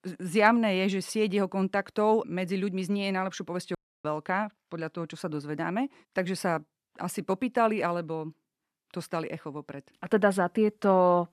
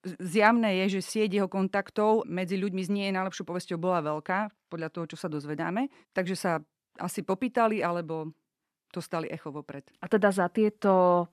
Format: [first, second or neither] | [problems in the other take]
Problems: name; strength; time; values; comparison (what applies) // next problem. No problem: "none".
second | audio cutting out; at 4 s